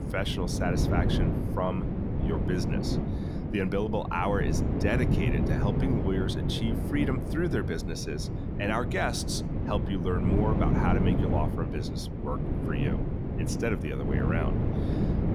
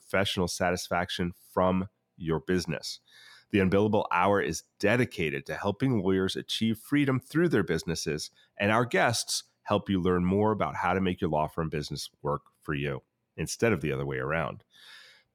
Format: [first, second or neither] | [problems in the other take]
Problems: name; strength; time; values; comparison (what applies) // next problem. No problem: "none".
second | wind noise on the microphone; heavy; 3 dB below the speech